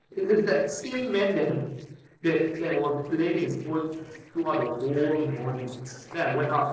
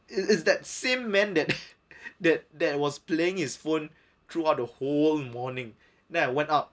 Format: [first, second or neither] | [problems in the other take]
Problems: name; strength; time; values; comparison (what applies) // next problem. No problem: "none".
second | noise reduction (neural separator model SepFormer DNS4)